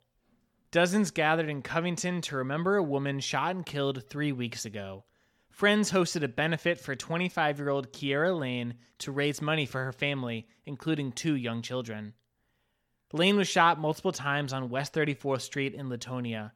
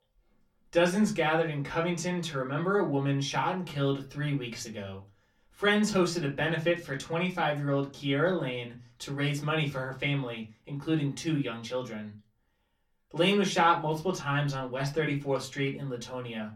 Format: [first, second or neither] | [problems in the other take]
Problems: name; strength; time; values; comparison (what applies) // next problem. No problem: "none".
first | off-mic speech; far // room echo; very slight; dies away in 0.2 s